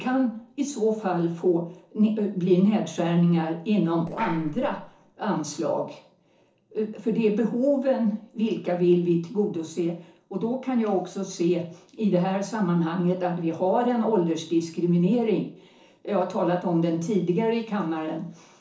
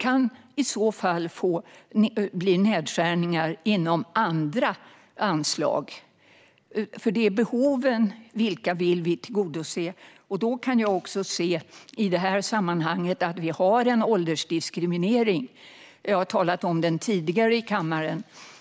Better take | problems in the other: second | noise reduction (neural separator model SepFormer DNS4)

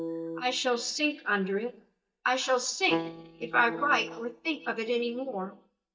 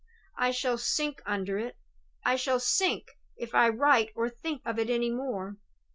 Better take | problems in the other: second | noise reduction (neural mask model DeepFilterNet 3)

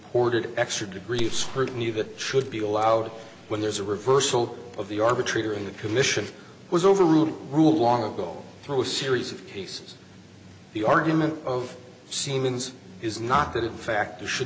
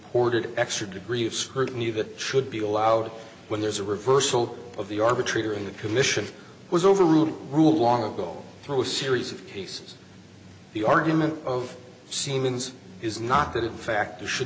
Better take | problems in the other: second | background sound (Gunshot, gunfire); 10 dB below the speech

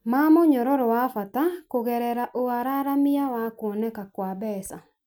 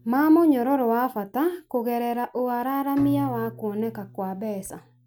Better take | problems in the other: first | background sound (Bowed string instrument); 18 dB below the speech

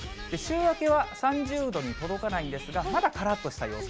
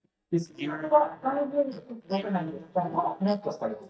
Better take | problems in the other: first | noise reduction (neural mask model DeepFilterNet 3)

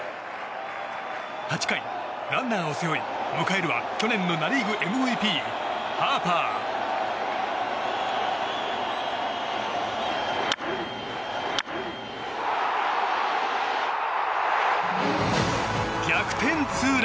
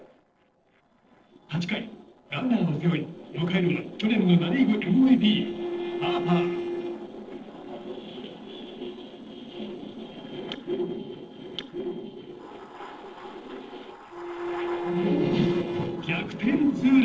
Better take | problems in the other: first | noise reduction (neural separator model SepFormer DNS4)

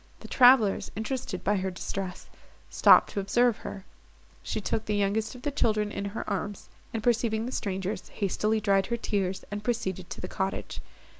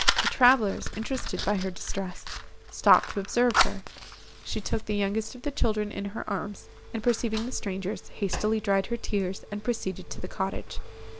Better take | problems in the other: first | background sound (Fire); 6 dB below the speech

